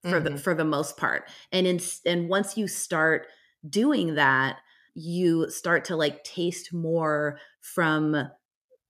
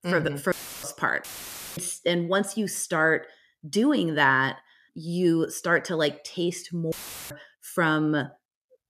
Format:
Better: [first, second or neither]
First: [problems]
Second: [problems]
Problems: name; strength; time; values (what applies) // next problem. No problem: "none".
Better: first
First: none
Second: audio cutting out; filled with static; at 0.5 s, at 1 s for 0.5 s and at 7 s